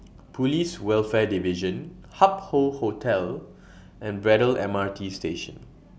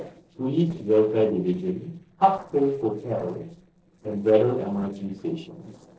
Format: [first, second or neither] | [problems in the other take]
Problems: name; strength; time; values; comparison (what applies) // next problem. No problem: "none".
first | noise reduction (neural separator model SepFormer DNS4)